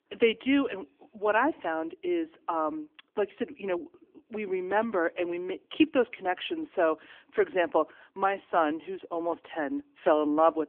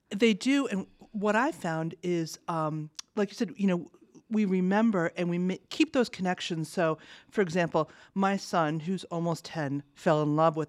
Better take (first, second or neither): second